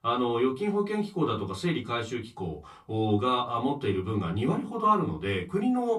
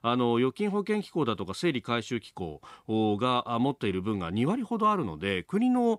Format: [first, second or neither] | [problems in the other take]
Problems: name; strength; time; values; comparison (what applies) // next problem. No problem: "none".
second | off-mic speech; far // room echo; very slight; dies away in 0.2 s